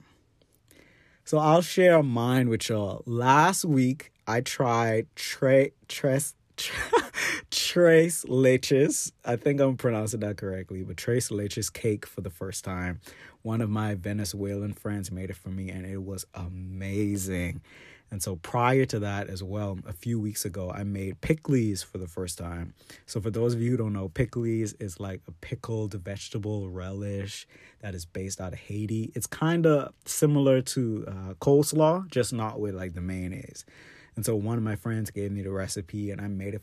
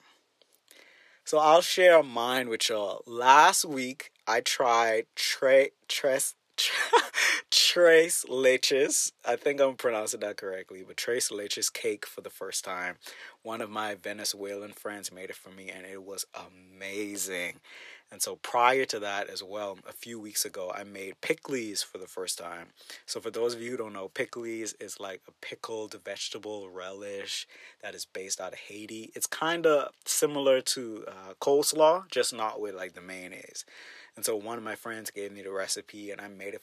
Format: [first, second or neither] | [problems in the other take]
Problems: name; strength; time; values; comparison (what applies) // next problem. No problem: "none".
first | thin; very; fading below 600 Hz